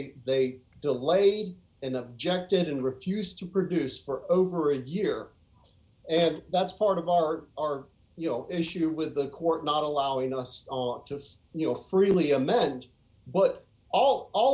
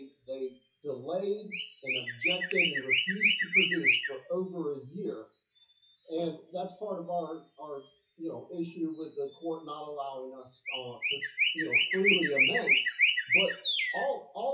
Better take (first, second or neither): first